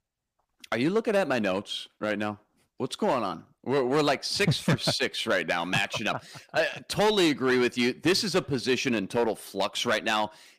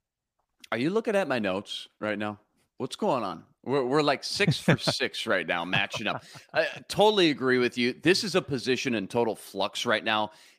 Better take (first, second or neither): second